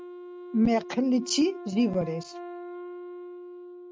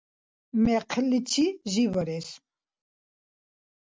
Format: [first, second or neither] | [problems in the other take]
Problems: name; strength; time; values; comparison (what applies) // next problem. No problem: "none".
second | noise reduction (neural mask model RNNoise)